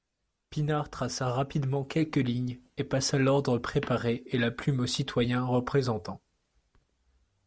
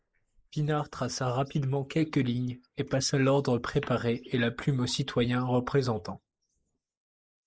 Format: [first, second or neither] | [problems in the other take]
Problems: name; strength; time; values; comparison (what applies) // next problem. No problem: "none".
first | noise reduction (neural mask model Resemble Enhance denoiser)